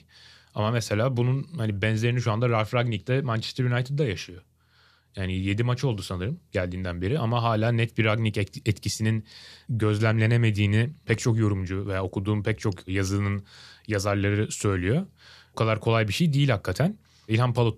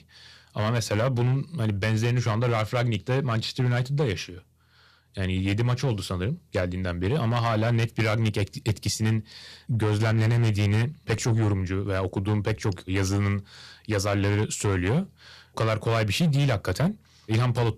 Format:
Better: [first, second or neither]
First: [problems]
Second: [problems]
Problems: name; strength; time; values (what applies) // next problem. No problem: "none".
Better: first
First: none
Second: distortion; slight; 9% of the sound clipped